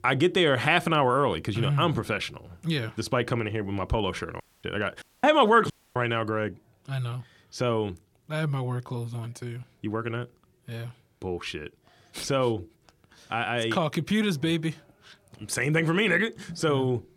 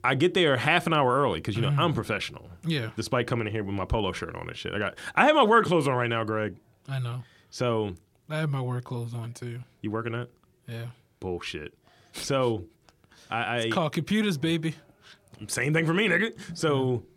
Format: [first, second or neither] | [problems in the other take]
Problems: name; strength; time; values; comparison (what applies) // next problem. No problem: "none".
second | audio cutting out; at 4.5 s, at 5 s and at 5.5 s